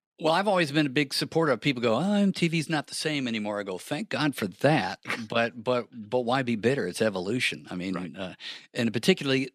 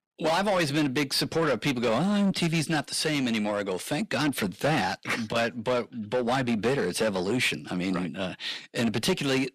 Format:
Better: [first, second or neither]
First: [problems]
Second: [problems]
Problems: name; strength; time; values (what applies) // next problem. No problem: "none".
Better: first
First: none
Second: distortion; heavy; 7 dB below the speech